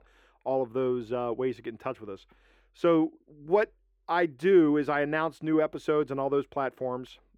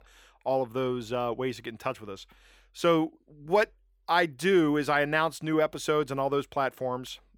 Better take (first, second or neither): second